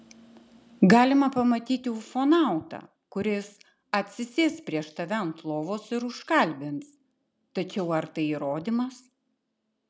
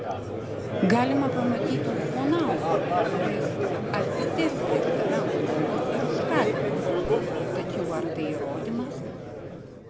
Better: first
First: none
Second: background sound (Crowd); 4 dB above the speech

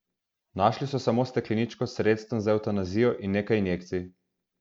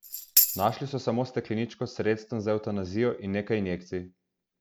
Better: first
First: none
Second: background sound (Tambourine); 2 dB above the speech

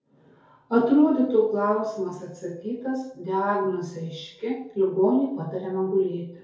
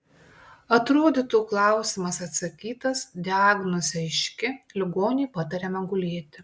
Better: second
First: room echo; dies away in 2.3 s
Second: none

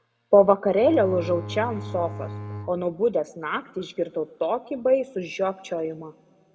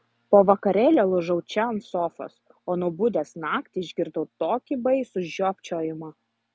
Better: second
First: background sound (Bowed string instrument); 10 dB below the speech // room echo; dies away in 2.2 s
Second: none

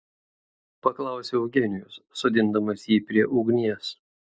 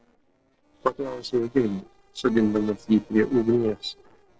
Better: first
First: none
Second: noise reduction (neural separator model SepFormer DNS4)

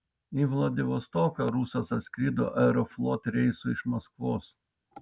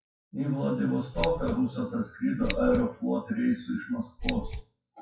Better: first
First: none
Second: noise reduction (classical method WPE with log-MMSE)

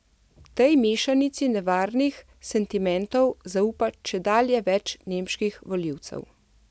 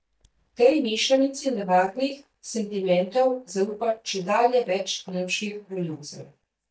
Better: first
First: none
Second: noise reduction (neural mask model DeepFilterNet 3)

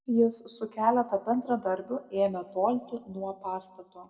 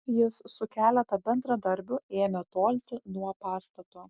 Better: second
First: room echo; dies away in 1.1 s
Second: none

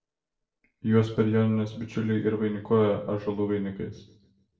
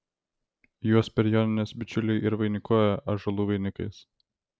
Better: second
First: room echo; dies away in 0.6 s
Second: none

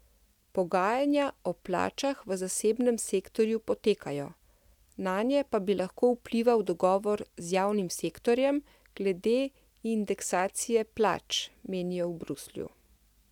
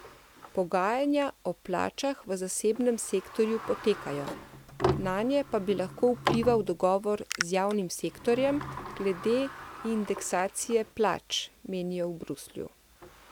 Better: first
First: none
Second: background sound (Sliding door); 10 dB below the speech

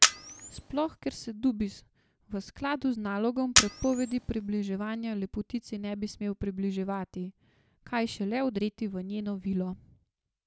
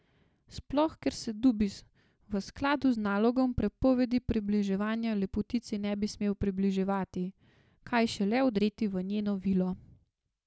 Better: second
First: background sound (Camera); 2 dB above the speech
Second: none

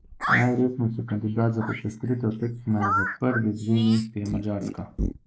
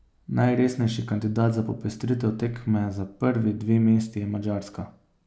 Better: second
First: noise reduction (neural mask model Resemble Enhance denoiser)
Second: none

